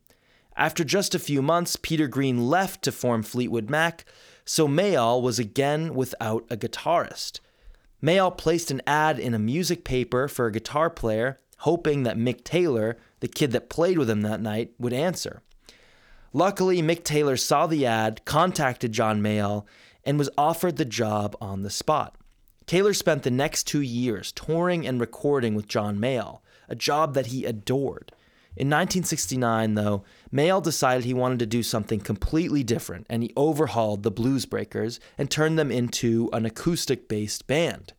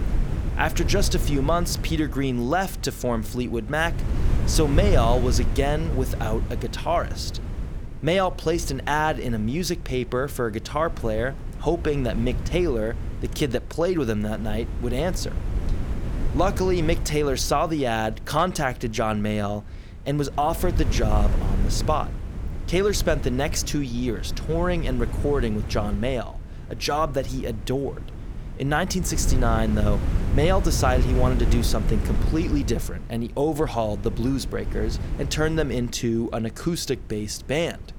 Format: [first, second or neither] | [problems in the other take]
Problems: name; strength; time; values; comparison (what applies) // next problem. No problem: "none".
first | wind noise on the microphone; occasional gusts; 15 dB below the speech